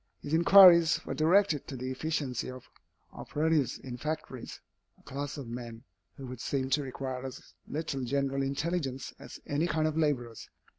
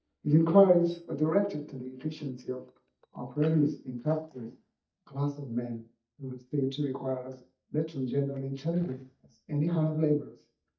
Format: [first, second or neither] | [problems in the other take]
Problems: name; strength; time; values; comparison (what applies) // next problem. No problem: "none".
first | noise reduction (neural mask model DeepFilterNet 3)